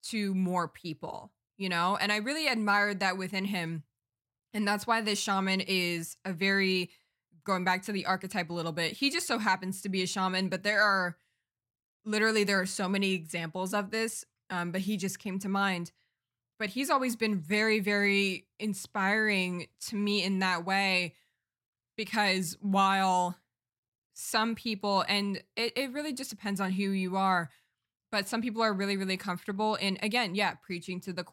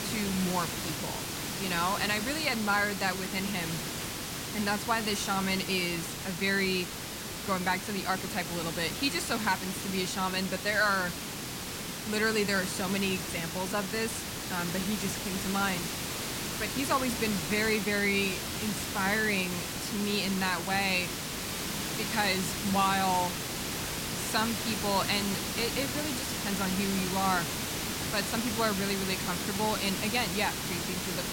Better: first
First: none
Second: hiss; loud; throughout; 3 dB below the speech

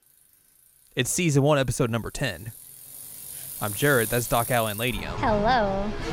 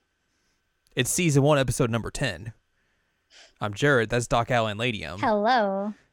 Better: second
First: traffic noise; loud; throughout; 9 dB below the speech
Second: none

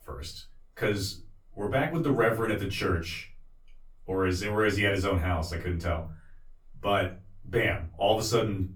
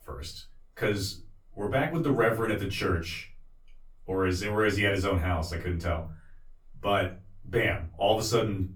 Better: neither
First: off-mic speech; far // room echo; very slight; dies away in 0.4 s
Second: off-mic speech; far // room echo; very slight; dies away in 0.4 s

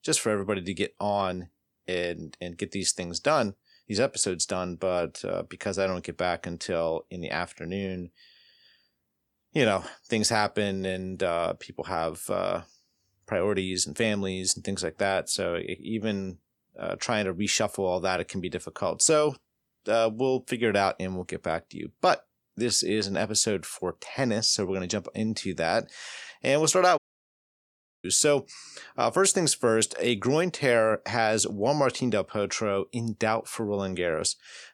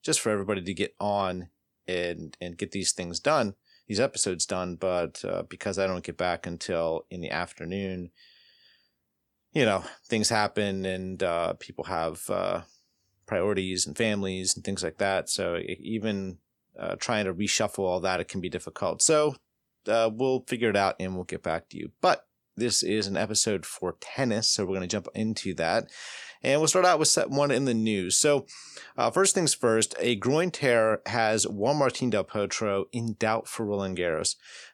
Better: second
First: audio cutting out; at 27 s for 1 s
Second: none

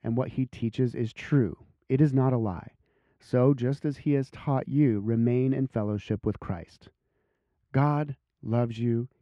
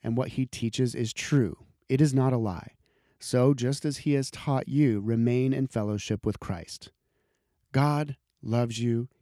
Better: second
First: muffled; very; fading above 3.5 kHz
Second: none

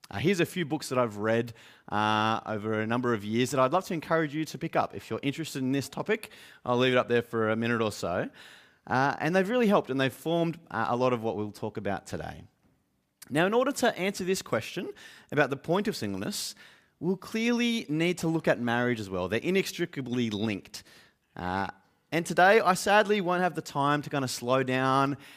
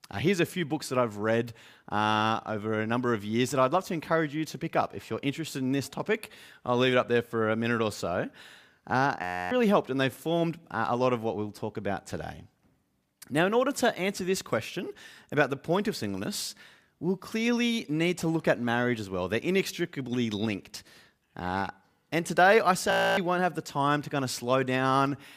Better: first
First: none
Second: audio freezing; at 9 s and at 23 s

